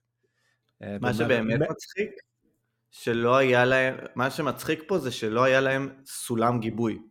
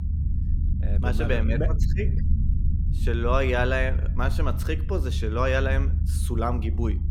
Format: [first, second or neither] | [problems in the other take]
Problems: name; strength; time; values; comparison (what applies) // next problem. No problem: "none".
first | low rumble; noticeable; throughout; 15 dB below the speech